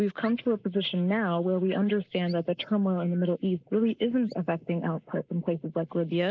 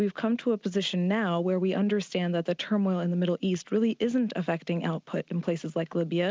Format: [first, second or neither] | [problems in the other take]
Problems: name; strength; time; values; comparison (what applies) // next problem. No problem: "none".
second | noise reduction (neural mask model Resemble Enhance denoiser)